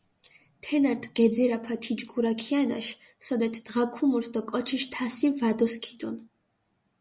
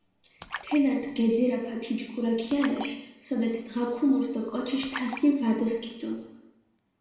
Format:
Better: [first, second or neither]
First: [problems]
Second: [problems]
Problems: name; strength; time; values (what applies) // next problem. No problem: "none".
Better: first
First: none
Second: background sound (Splash, splatter); 17 dB below the speech // room echo; dies away in 1 s